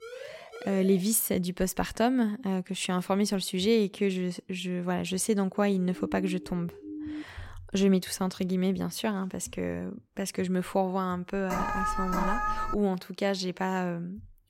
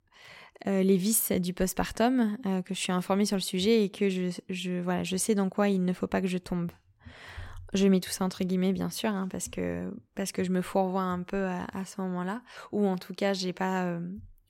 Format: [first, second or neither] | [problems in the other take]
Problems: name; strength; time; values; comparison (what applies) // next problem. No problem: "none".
second | siren; faint; until 1 s; peak 15 dB below the speech // siren; noticeable; from 5.5 to 7 s; peak 9 dB below the speech // alarm; noticeable; from 12 to 13 s; peak level with the speech